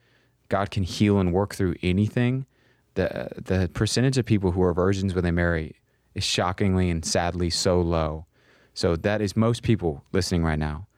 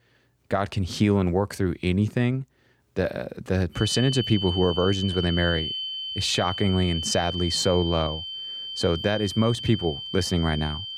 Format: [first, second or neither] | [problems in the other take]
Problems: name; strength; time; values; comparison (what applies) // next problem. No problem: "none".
first | high-pitched whine; loud; from 4 s on; 3 kHz, 5 dB below the speech